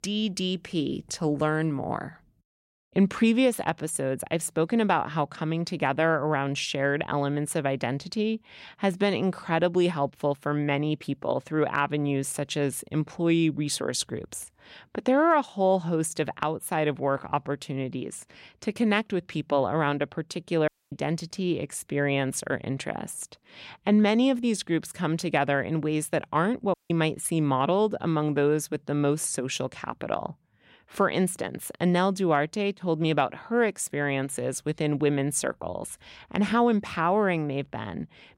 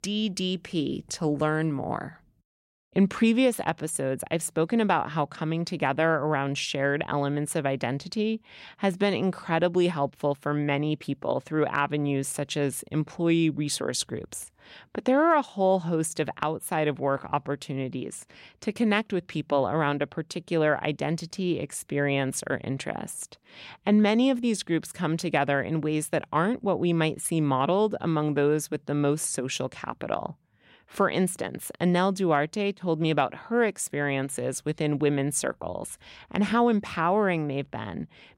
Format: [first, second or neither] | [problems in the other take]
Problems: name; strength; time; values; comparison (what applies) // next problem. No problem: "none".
second | audio cutting out; at 21 s and at 27 s